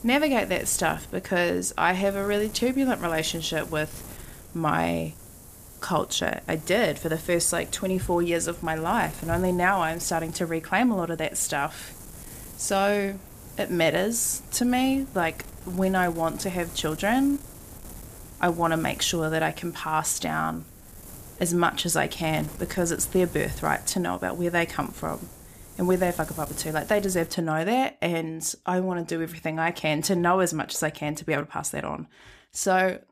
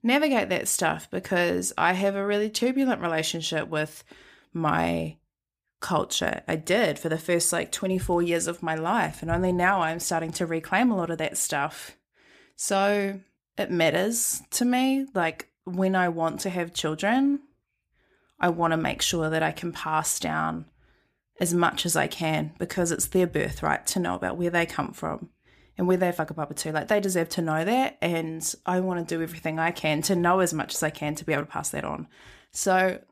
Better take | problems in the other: second | wind noise on the microphone; occasional gusts; until 27 s; 20 dB below the speech

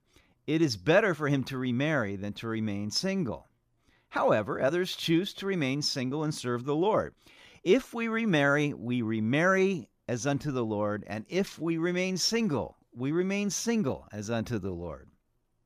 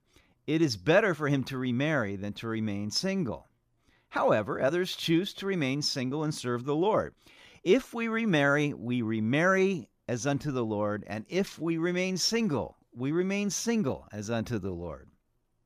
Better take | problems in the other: neither | none

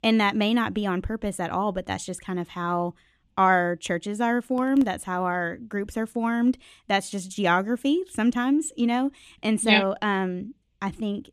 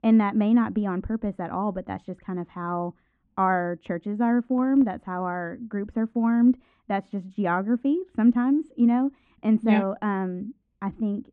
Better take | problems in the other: first | muffled; very; fading above 1.5 kHz

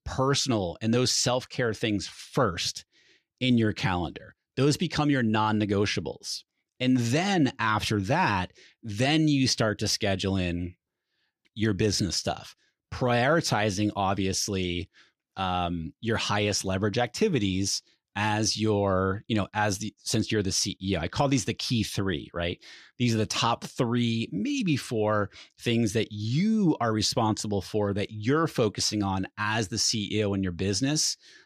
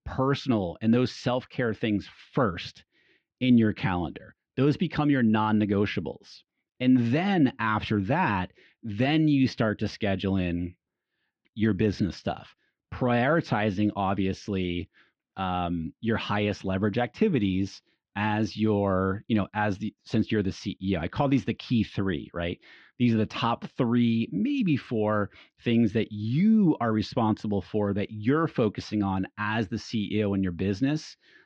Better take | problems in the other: first | muffled; slightly; fading above 3 kHz

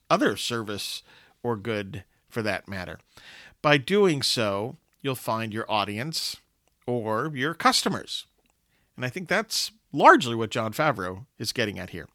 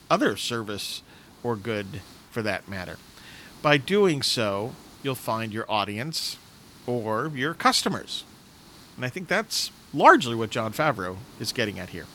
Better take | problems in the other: first | hiss; faint; throughout; 25 dB below the speech

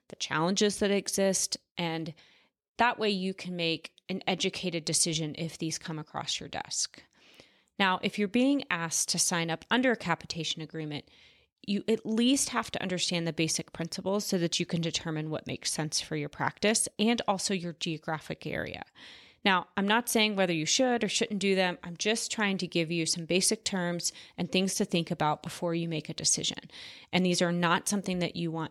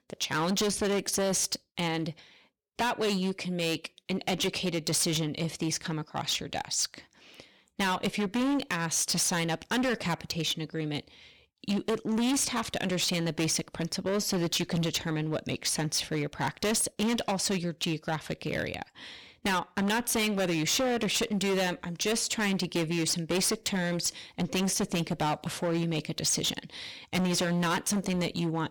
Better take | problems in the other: first | distortion; heavy; 16% of the sound clipped

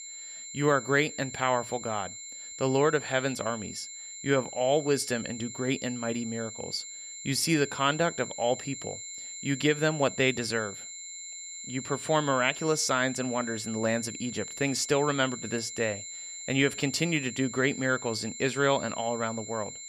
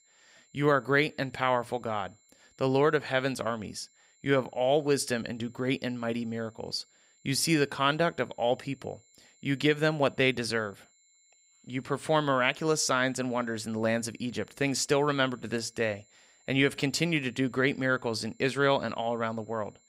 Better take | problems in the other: second | high-pitched whine; loud; throughout; 7.5 kHz, 10 dB below the speech; faint in the second

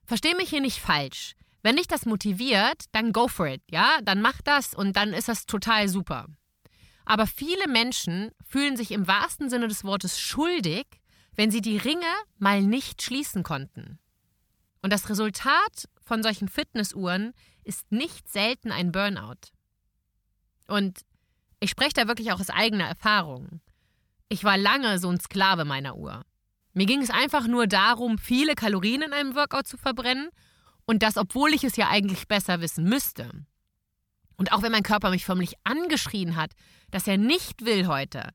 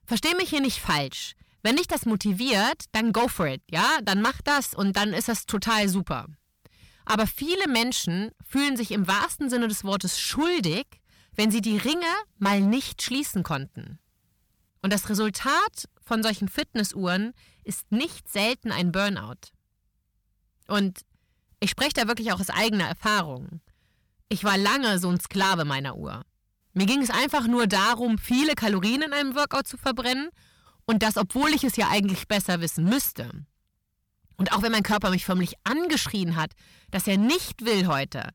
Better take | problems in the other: first | distortion; slight; 6% of the sound clipped

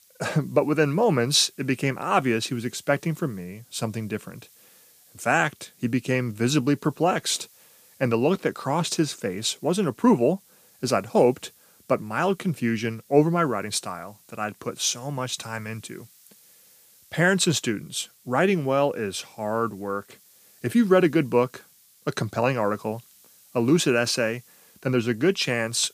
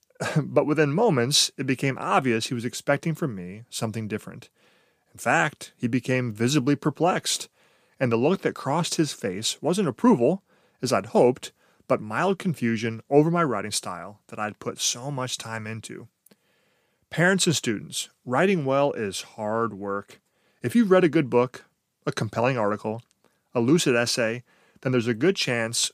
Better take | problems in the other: second | hiss; faint; throughout; 30 dB below the speech

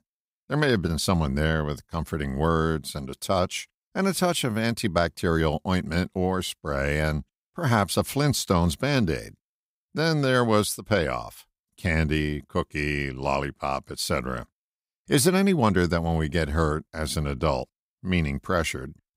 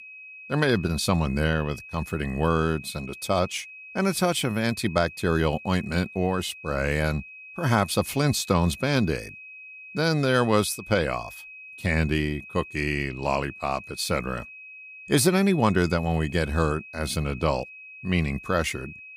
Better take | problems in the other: first | high-pitched whine; noticeable; throughout; 2.5 kHz, 15 dB below the speech

